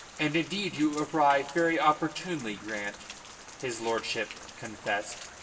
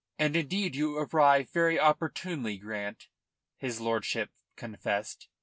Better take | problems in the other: second | background sound (Rain); 15 dB below the speech // room echo; dies away in 1.4 s

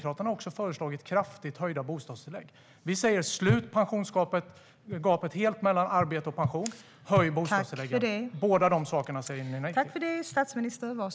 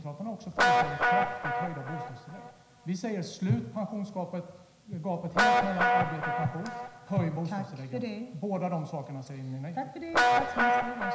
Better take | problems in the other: first | background sound (Guitar); 4 dB above the speech // room echo; dies away in 0.9 s

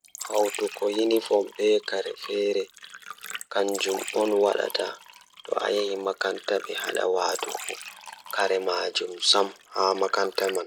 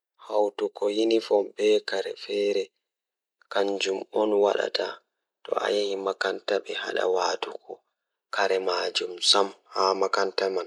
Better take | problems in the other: second | background sound (Fill (with liquid)); 14 dB below the speech

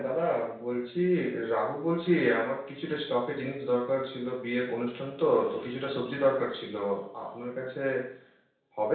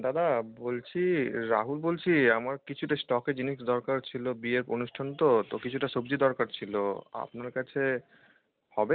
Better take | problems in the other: second | room echo; dies away in 0.7 s

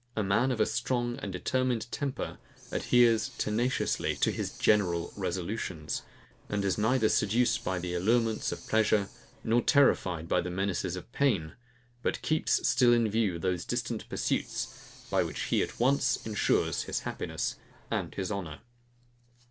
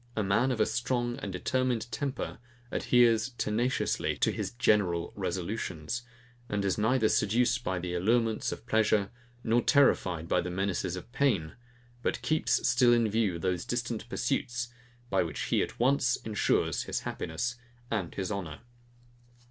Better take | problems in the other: second | noise reduction (neural separator model SepFormer DNS4)

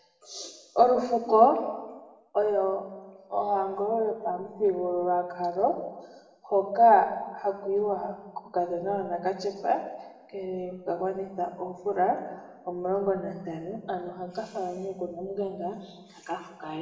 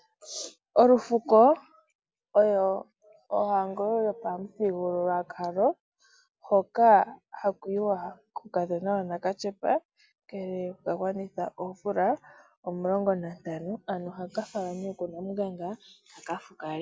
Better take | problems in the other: second | room echo; dies away in 1 s

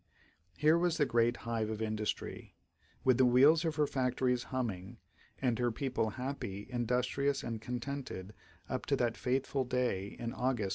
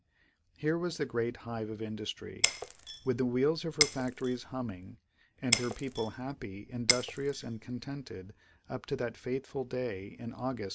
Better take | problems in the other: first | background sound (Shatter); as loud as the speech

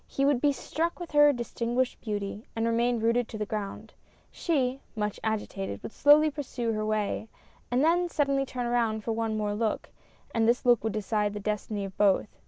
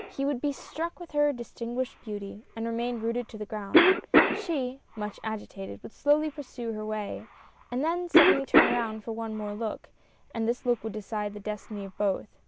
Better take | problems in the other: first | background sound (Cough); as loud as the speech

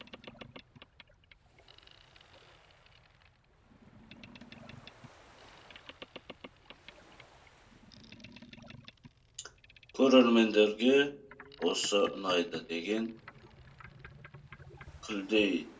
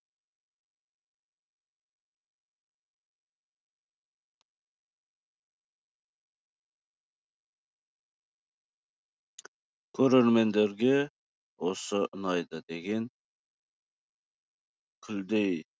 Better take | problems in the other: second | background sound (Boat, Water vehicle); 20 dB below the speech // room echo; dies away in 0.2 s

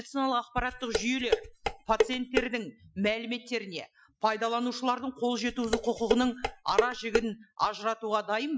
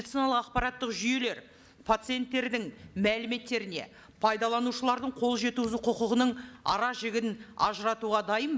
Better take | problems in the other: second | noise reduction (classical method Wiener filter)

